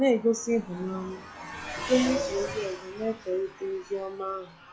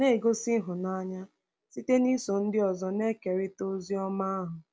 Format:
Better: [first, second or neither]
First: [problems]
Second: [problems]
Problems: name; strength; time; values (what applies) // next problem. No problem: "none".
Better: second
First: noise reduction (classical method log-MMSE)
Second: none